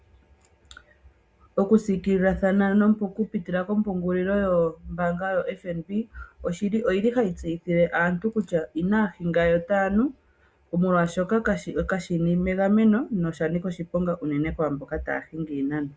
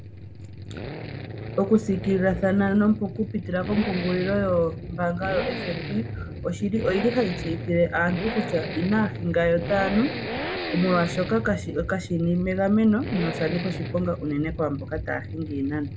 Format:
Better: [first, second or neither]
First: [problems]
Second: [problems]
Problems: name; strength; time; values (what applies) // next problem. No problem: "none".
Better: first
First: none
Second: background sound (Accelerating, revving, vroom); 8 dB below the speech